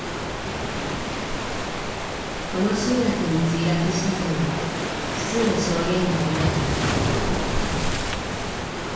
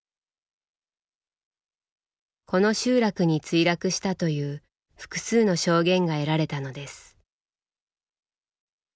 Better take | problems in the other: second | background sound (Waves, surf); 1 dB above the speech // room echo; dies away in 1 s

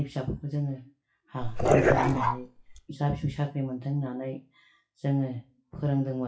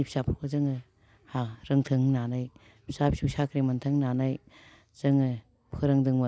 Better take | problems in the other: second | noise reduction (classical method WPE with log-MMSE)

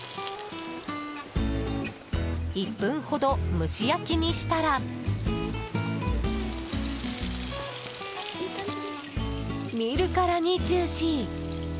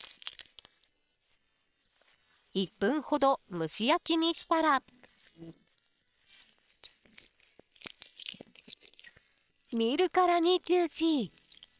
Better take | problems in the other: first | noise reduction (neural separator model SepFormer WHAM!)

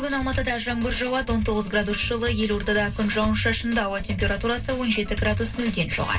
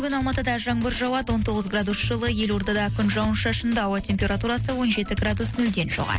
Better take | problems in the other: second | room echo; dies away in 0.1 s

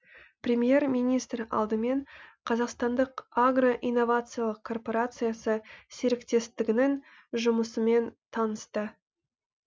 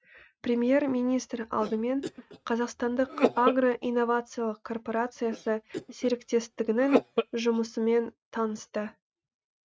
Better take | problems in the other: first | noise reduction (neural mask model RNNoise)

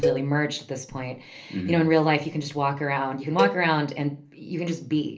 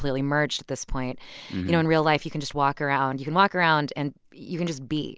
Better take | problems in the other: second | background sound (Cowbell); 7 dB below the speech // room echo; dies away in 0.3 s

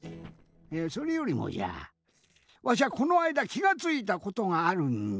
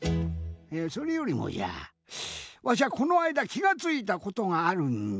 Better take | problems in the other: second | noise reduction (neural separator model SepFormer DNS4)

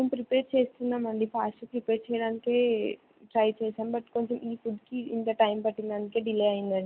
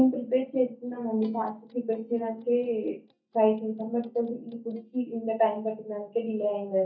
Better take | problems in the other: first | noise reduction (neural mask model DeepFilterNet 3)

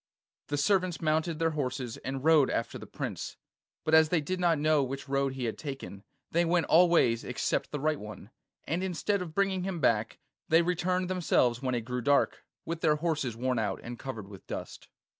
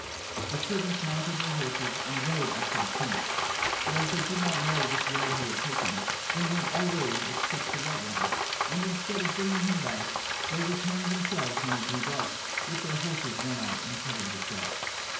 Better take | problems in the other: first | background sound (Frying (food)); 3 dB above the speech // room echo; dies away in 0.6 s

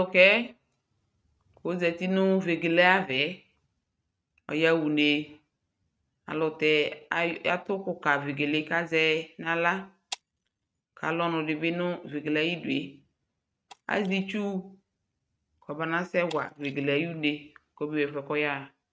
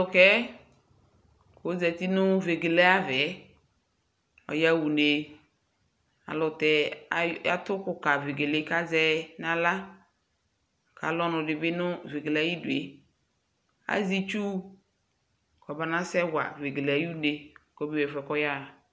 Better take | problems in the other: second | noise reduction (neural mask model RNNoise)

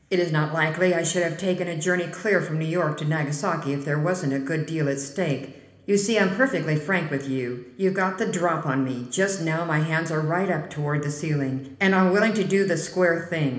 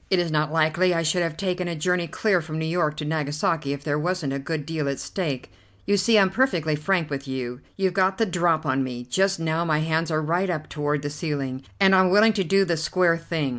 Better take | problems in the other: second | room echo; dies away in 1 s

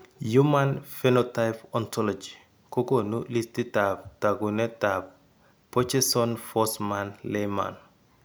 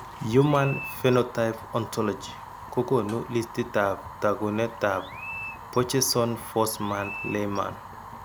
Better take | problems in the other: first | background sound (Fire + Chirp, tweet); 13 dB below the speech

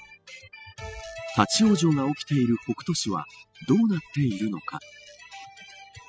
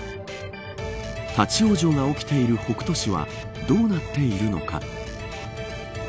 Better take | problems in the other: second | noise reduction (classical method spectral subtraction)

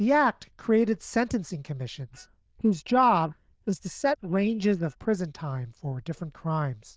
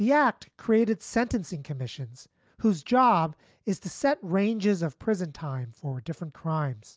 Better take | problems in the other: second | noise reduction (neural diffusion model UNIVERSE++)

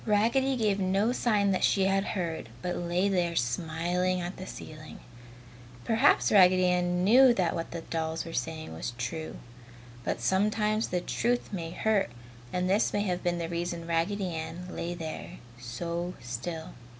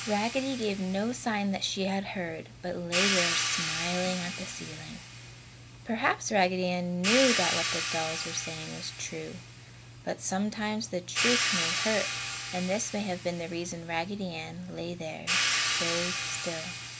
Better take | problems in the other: first | background sound (Hi-hat); 2 dB below the speech

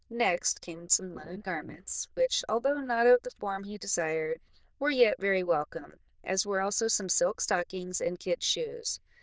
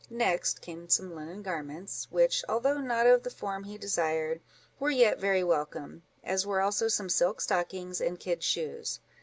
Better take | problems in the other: second | noise reduction (neural diffusion model UNIVERSE++)

